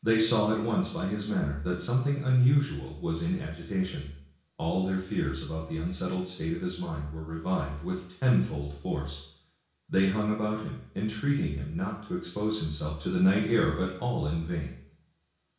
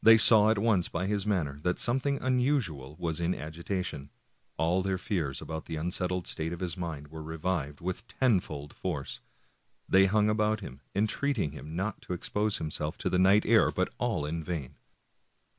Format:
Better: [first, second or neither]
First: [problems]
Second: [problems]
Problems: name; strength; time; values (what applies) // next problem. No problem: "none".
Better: second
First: room echo; dies away in 0.6 s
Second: none